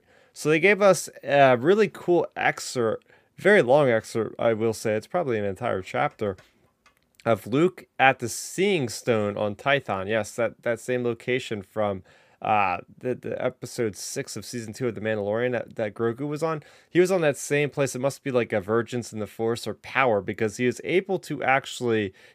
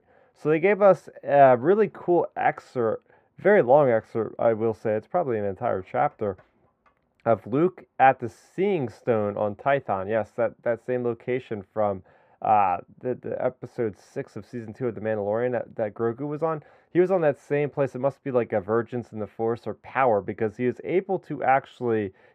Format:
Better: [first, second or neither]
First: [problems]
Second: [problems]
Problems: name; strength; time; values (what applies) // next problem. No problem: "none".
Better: first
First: none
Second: muffled; very; fading above 3 kHz